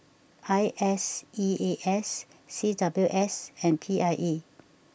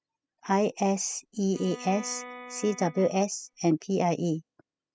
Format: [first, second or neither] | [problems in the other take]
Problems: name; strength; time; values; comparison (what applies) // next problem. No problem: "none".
first | noise reduction (classical method spectral subtraction)